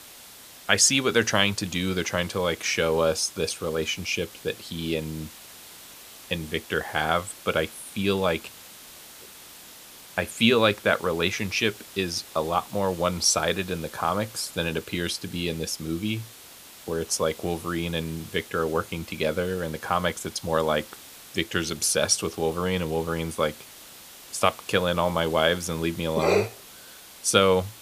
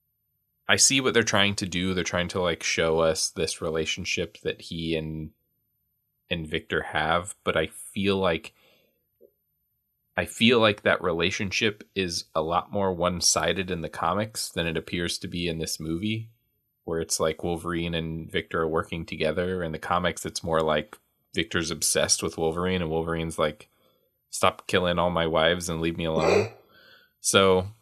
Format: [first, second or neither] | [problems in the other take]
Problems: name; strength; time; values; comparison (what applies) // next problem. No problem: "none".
second | hiss; noticeable; throughout; 20 dB below the speech